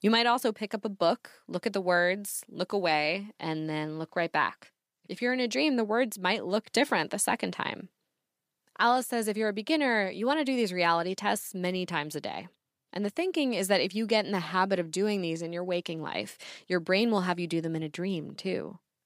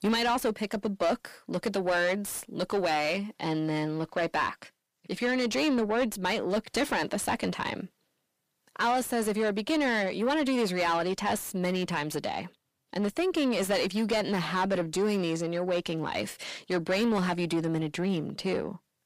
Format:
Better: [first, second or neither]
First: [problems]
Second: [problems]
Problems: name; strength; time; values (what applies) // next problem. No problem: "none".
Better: first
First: none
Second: distortion; heavy; 8 dB below the speech